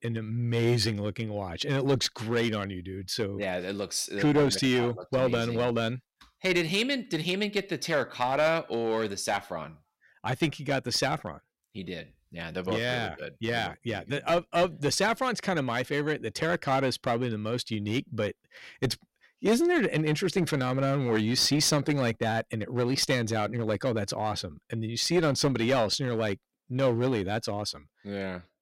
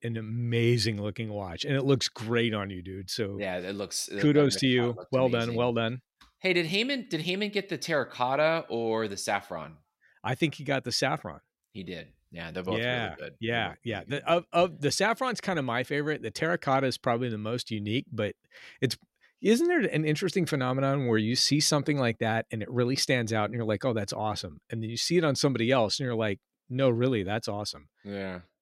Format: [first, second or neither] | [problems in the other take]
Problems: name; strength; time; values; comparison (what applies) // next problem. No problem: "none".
second | distortion; slight; 4% of the sound clipped